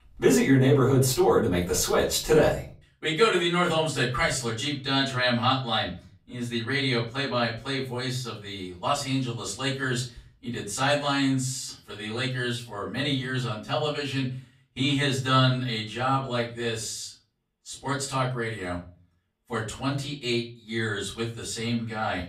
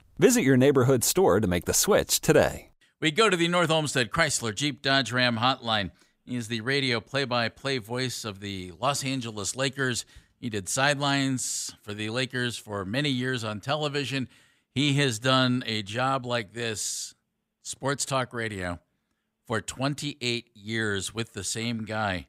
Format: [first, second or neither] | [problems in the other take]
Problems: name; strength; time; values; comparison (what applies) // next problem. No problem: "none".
second | room echo; slight; dies away in 0.3 s // off-mic speech; far